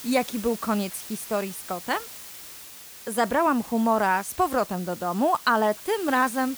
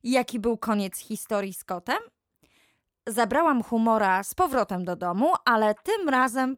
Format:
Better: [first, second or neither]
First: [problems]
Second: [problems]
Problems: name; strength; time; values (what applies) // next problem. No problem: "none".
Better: second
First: hiss; noticeable; throughout; 15 dB below the speech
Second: none